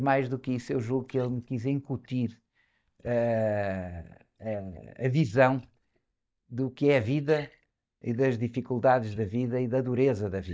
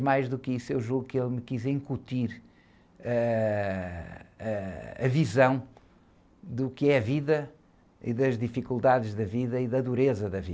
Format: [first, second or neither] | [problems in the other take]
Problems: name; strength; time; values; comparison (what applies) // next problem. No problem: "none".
second | noise reduction (neural mask model DeepFilterNet 3)